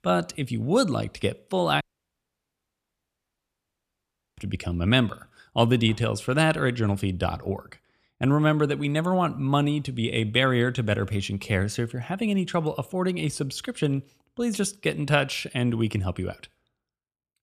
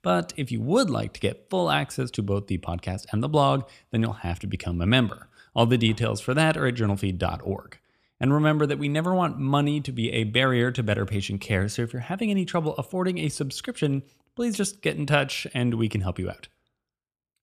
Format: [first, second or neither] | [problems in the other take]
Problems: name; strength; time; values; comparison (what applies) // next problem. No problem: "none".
second | audio cutting out; at 2 s for 2.5 s